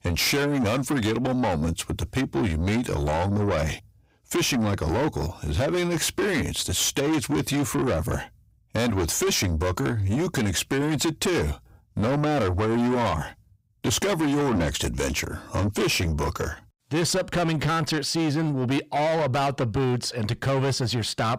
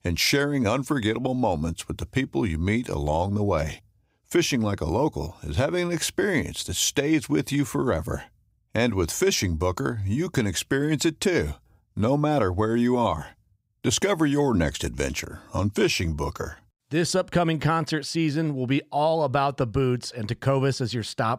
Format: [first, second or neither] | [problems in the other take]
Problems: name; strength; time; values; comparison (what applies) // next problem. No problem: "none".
second | distortion; heavy; 7 dB below the speech